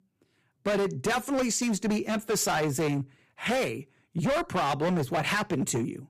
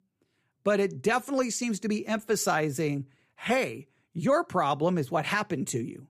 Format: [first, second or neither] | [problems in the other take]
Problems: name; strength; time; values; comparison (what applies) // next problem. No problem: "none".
second | distortion; heavy; 18% of the sound clipped